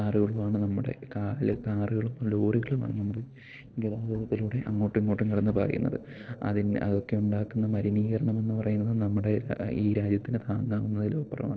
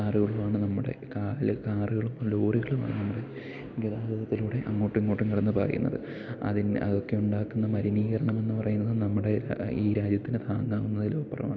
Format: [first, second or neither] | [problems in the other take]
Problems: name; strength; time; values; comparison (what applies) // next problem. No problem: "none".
second | noise reduction (neural separator model SepFormer DNS4)